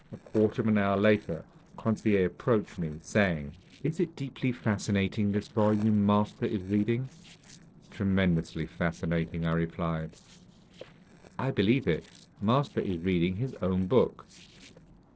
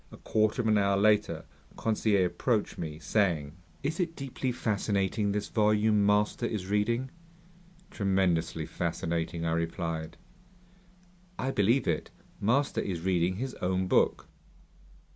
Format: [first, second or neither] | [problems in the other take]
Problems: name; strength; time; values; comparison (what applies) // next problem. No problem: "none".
second | noise reduction (neural separator model SepFormer DNS4)